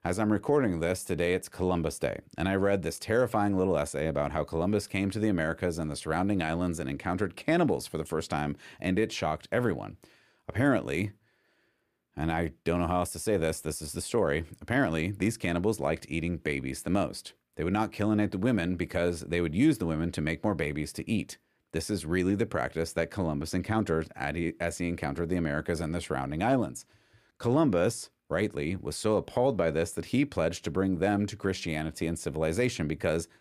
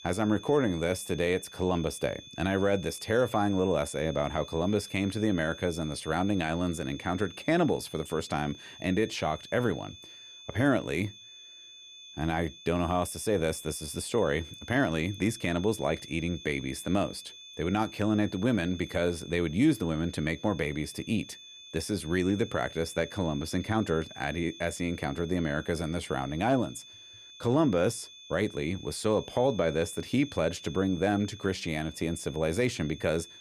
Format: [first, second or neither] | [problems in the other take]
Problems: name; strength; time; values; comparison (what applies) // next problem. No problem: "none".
first | high-pitched whine; noticeable; throughout; 3.5 kHz, 15 dB below the speech